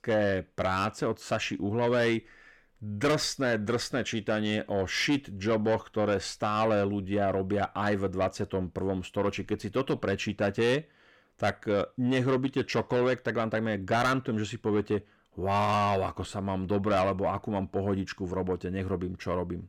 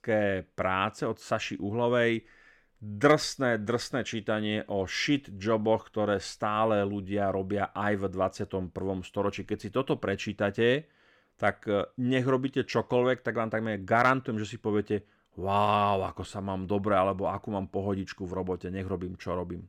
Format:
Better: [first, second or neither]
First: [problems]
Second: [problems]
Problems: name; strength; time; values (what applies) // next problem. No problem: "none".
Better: second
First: distortion; slight; 10 dB below the speech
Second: none